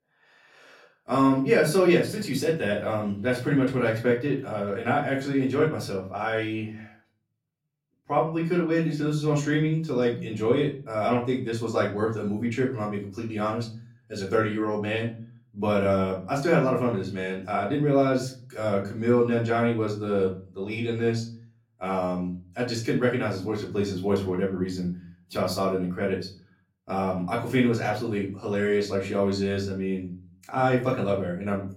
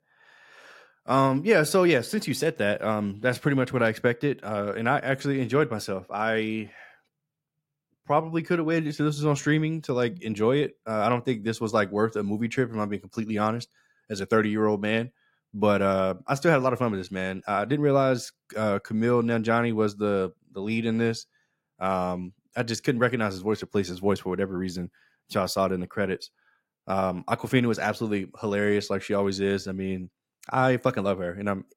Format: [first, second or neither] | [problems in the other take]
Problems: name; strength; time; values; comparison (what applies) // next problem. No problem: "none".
second | room echo; slight; dies away in 0.4 s // off-mic speech; far